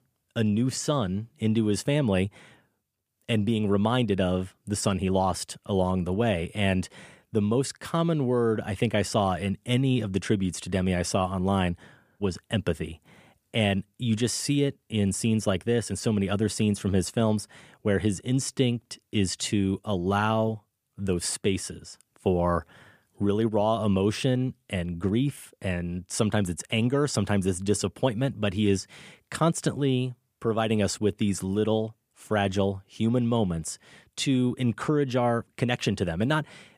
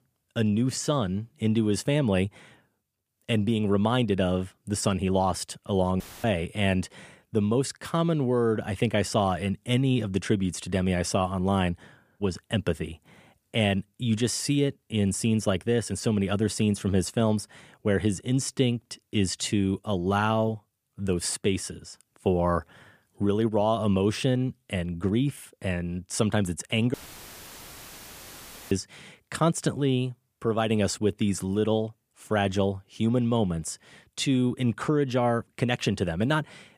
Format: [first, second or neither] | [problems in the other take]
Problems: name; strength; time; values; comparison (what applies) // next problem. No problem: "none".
first | audio cutting out; filled with static; at 6 s and at 27 s for 2 s